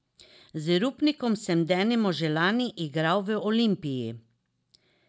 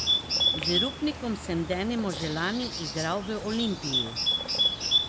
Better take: first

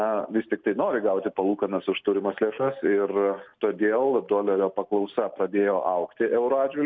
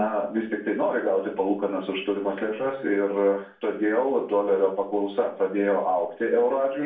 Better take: first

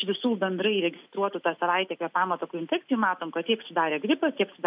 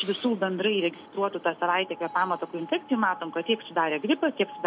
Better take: first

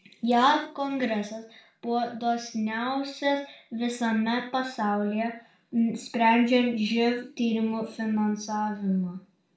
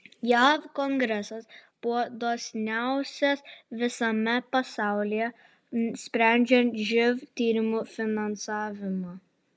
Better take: second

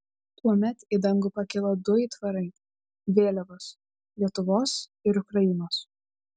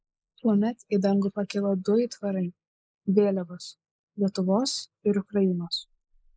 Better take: first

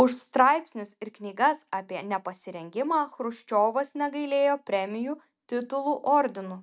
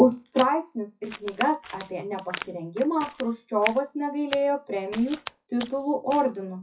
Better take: first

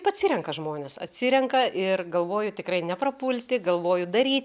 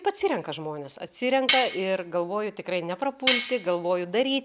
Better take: first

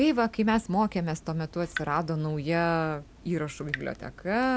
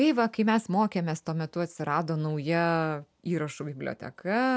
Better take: second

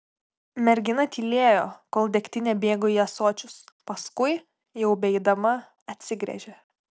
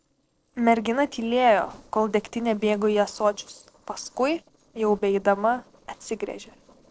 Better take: first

